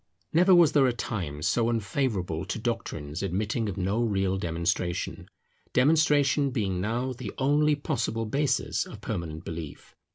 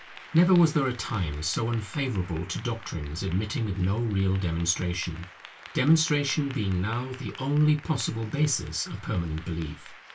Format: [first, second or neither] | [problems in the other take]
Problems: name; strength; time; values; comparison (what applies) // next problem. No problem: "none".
first | background sound (Applause / Clapping); 20 dB below the speech // room echo; dies away in 0.1 s